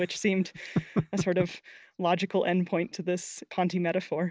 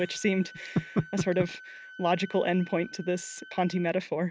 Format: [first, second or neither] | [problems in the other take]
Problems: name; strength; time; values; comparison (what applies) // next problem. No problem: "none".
first | background sound (Wind instrument, woodwind instrument); 19 dB below the speech